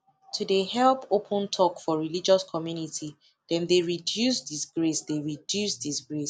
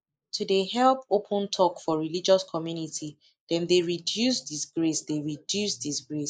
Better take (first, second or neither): first